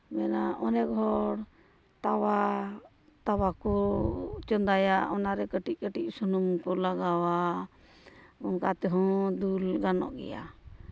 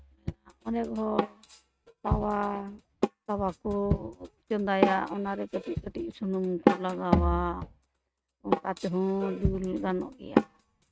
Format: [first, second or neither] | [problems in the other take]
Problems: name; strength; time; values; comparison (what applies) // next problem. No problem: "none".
first | noise reduction (neural mask model RNNoise)